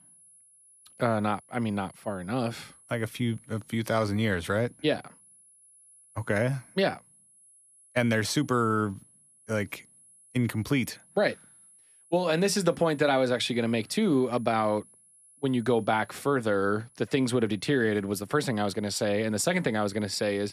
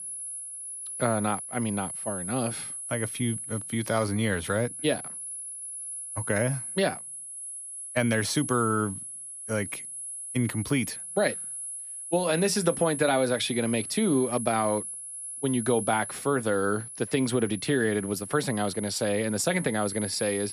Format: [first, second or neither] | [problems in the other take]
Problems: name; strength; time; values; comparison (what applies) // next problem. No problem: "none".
first | high-pitched whine; loud; throughout; 10.5 kHz, 7 dB below the speech; faint in the first